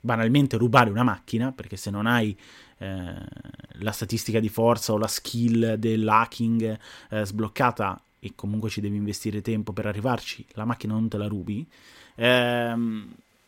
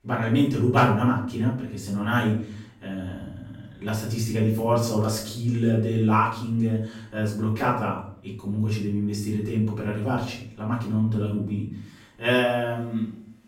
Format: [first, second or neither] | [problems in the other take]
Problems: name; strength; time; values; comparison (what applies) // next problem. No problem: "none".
first | room echo; noticeable; dies away in 0.5 s // off-mic speech; far